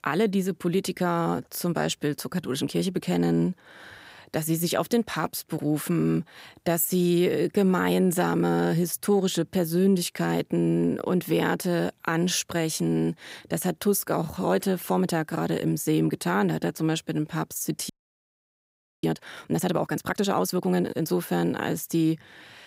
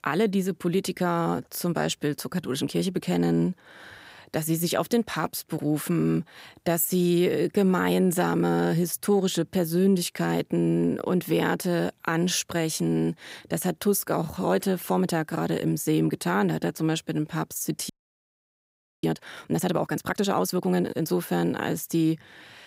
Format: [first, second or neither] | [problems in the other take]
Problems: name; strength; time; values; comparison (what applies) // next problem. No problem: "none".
neither | audio freezing; at 18 s for 1 s; the same in both